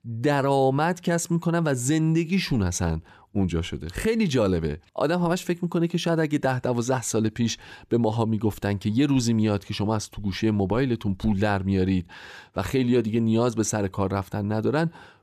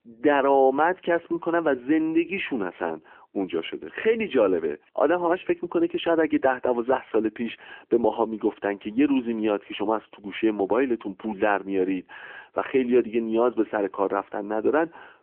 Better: first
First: none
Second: phone-call audio; nothing above 3 kHz

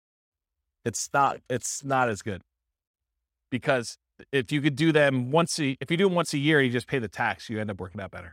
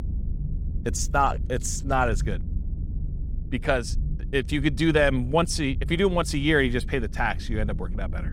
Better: first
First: none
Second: low rumble; faint; throughout; 20 dB below the speech

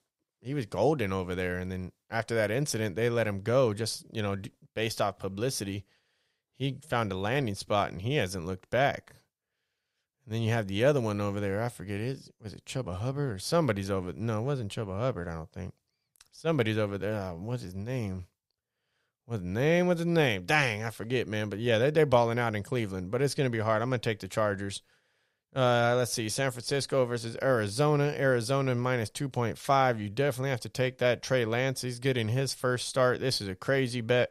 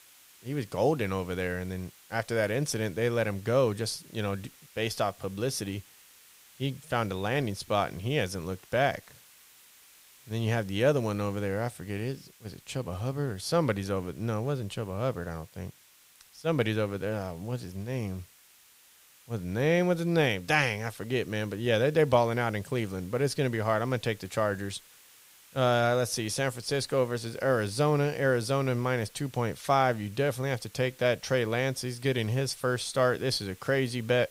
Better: first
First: none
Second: hiss; faint; throughout; 25 dB below the speech

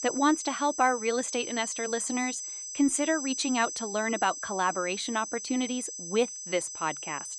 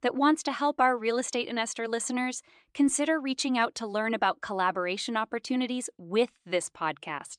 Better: second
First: high-pitched whine; loud; throughout; 6 kHz, 7 dB below the speech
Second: none

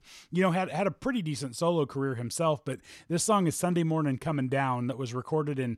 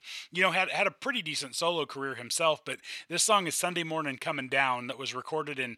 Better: first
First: none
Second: thin; somewhat; fading below 1 kHz

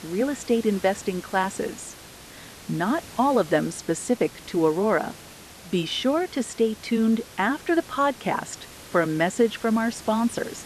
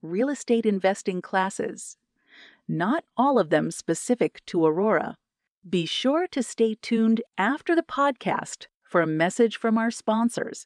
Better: second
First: hiss; noticeable; throughout; 15 dB below the speech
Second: none

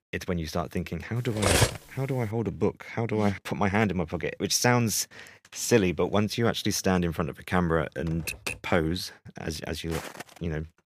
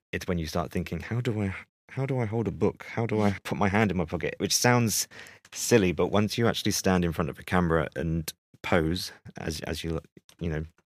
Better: second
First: clattering dishes; loud; at 1.5 s; peak 5 dB above the speech // keyboard typing; noticeable; at 8 s; peak 6 dB below the speech // footsteps; faint; at 10 s; peak 10 dB below the speech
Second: none

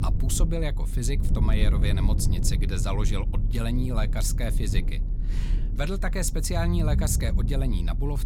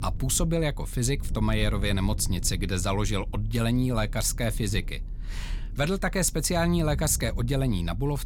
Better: second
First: low rumble; loud; throughout; 9 dB below the speech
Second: low rumble; faint; throughout; 20 dB below the speech

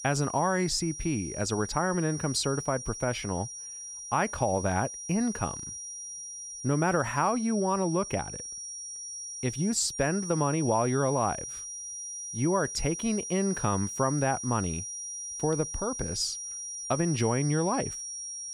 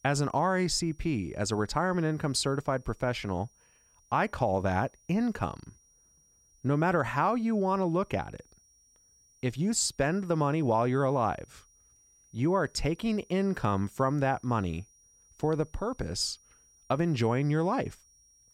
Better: second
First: high-pitched whine; loud; throughout; 5.5 kHz, 7 dB below the speech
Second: high-pitched whine; faint; throughout; 5.5 kHz, 30 dB below the speech

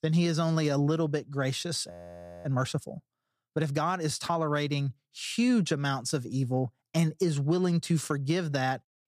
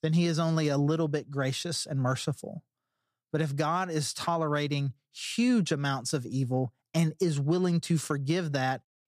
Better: second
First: audio freezing; at 2 s for 0.5 s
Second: none

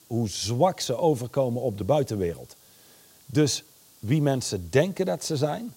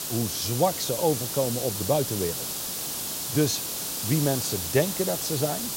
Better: first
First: hiss; faint; throughout; 25 dB below the speech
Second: hiss; loud; throughout; 2 dB below the speech

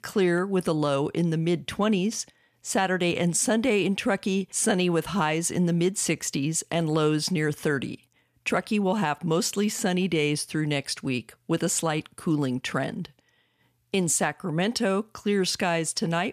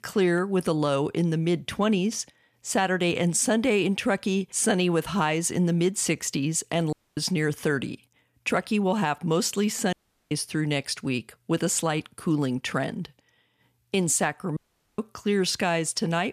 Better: first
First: none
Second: audio cutting out; at 7 s, at 10 s and at 15 s

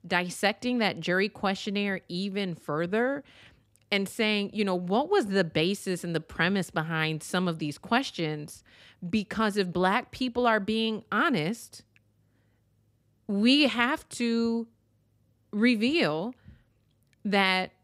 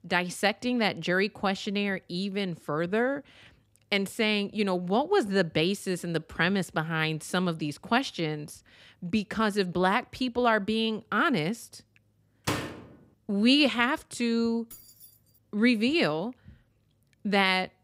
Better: first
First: none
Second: door banging; noticeable; at 12 s; peak 5 dB below the speech // jangling keys; faint; at 15 s; peak 20 dB below the speech

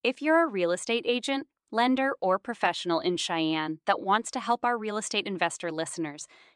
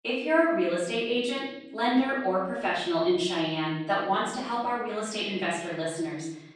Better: first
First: none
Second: off-mic speech; far // room echo; noticeable; dies away in 1.1 s

